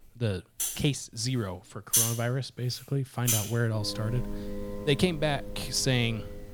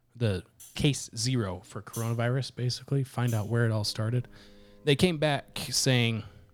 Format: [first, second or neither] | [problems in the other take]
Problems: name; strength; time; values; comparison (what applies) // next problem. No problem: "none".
second | background music; loud; throughout; 1 dB below the speech; faint in the second